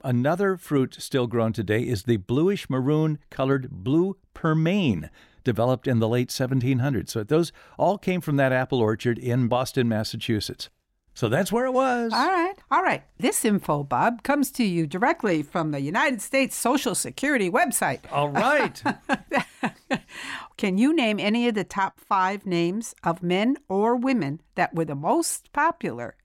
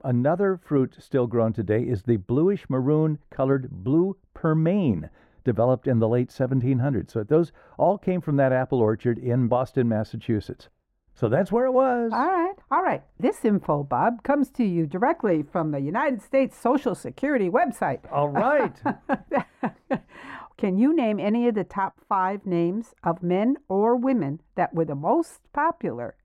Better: first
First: none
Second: muffled; very; fading above 2.5 kHz

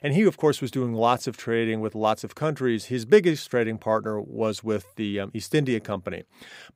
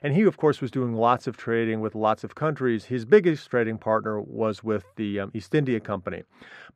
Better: first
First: none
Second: muffled; slightly; fading above 2 kHz

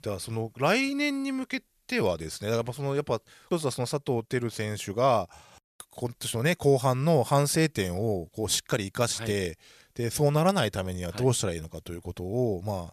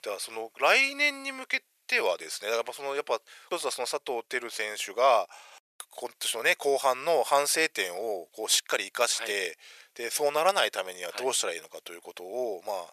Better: first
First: none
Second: thin; very; fading below 500 Hz

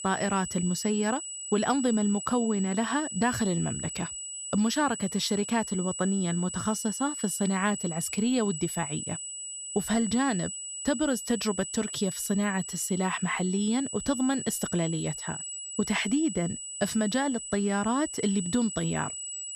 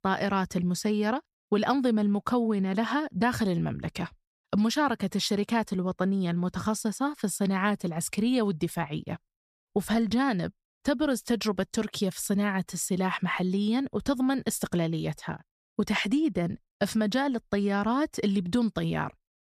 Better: second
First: high-pitched whine; loud; throughout; 8 kHz, 6 dB below the speech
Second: none

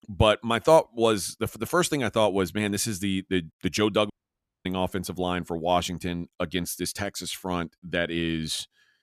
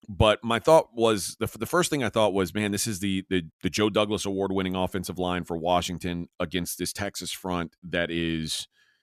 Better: second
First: audio cutting out; at 4 s for 0.5 s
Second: none

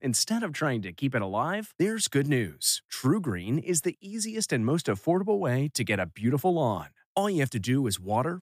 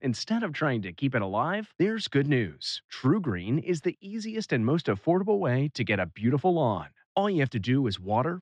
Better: first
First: none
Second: muffled; slightly; fading above 4.5 kHz

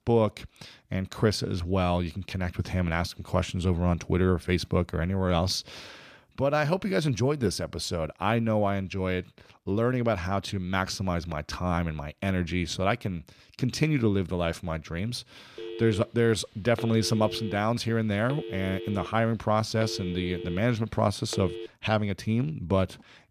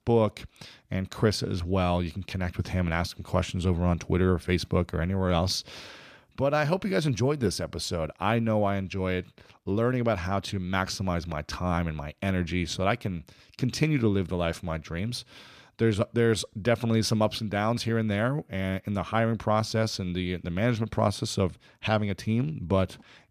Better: second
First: phone ringing; noticeable; from 16 to 22 s; peak 9 dB below the speech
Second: none

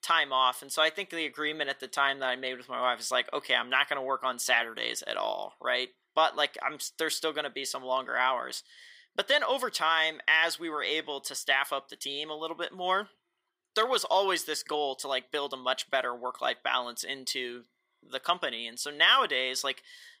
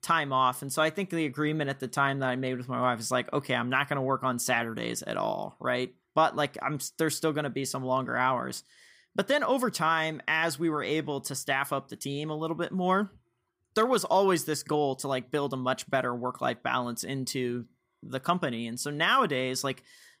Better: second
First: thin; somewhat; fading below 550 Hz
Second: none

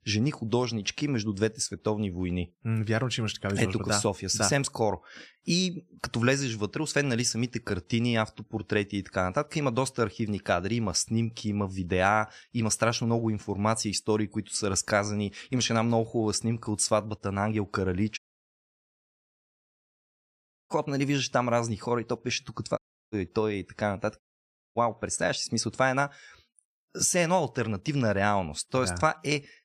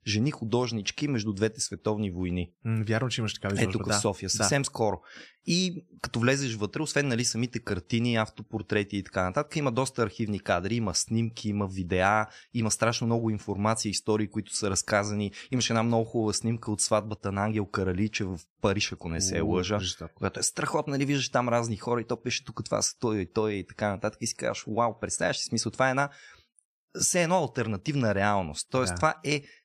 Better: second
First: audio cutting out; at 18 s for 2.5 s, at 23 s and at 24 s for 0.5 s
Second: none

